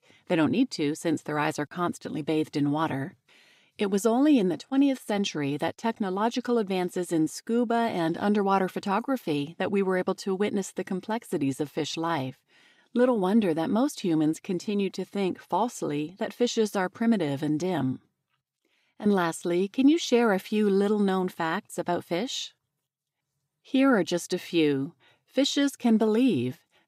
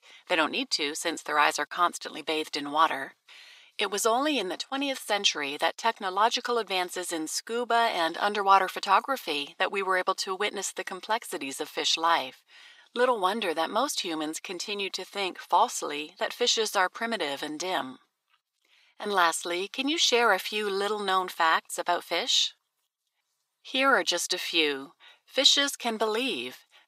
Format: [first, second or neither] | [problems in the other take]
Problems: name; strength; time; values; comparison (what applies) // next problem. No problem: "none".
first | thin; very; fading below 700 Hz